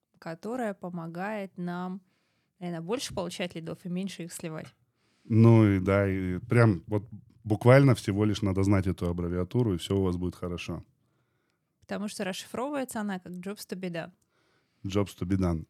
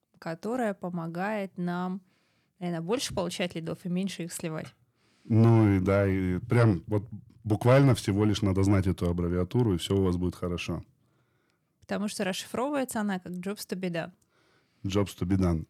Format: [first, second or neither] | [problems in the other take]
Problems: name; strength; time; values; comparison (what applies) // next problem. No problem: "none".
first | distortion; slight; 10 dB below the speech